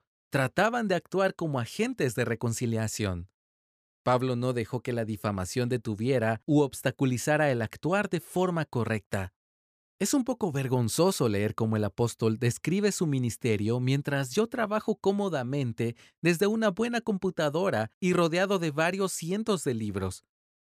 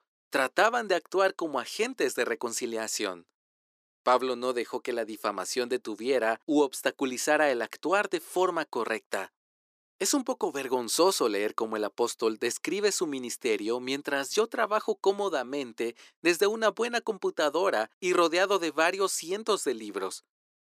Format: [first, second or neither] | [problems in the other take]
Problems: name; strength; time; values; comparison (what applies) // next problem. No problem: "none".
first | thin; somewhat; fading below 300 Hz